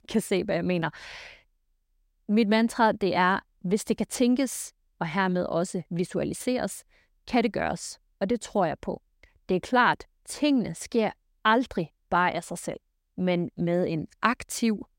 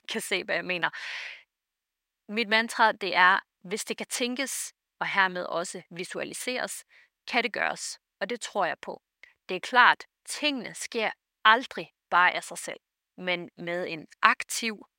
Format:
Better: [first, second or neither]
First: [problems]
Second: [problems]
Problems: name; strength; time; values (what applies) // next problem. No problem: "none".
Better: first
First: none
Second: thin; somewhat; fading below 900 Hz